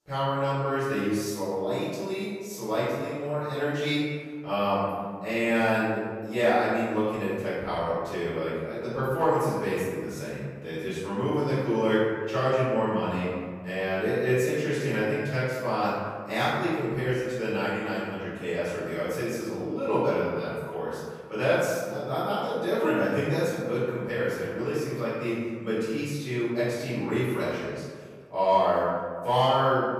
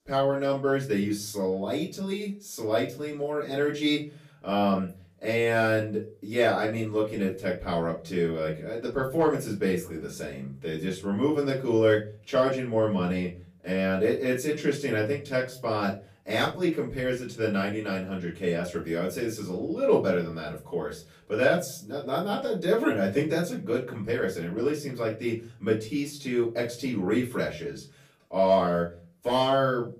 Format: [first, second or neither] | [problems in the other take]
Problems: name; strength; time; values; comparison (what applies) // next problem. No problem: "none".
second | room echo; strong; dies away in 1.5 s; slight in the second // off-mic speech; far; far in the second